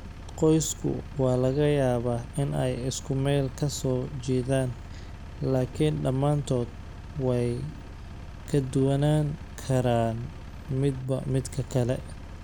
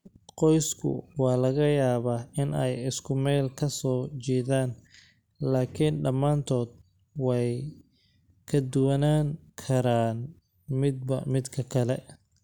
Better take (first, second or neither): second